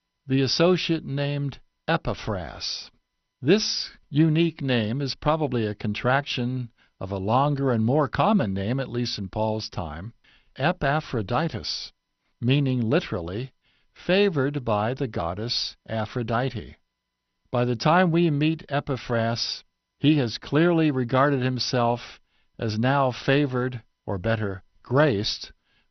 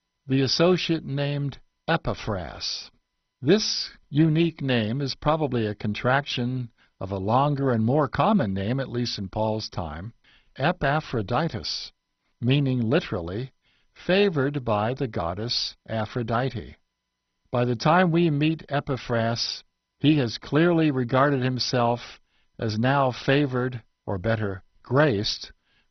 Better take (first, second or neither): first